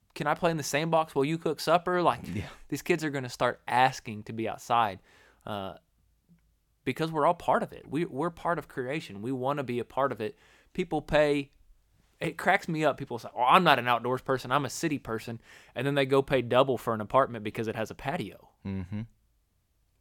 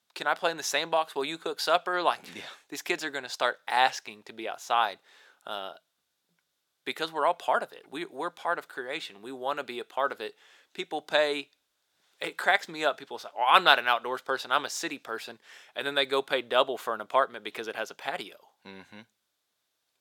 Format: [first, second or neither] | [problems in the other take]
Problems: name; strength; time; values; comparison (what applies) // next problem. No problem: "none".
first | thin; somewhat; fading below 450 Hz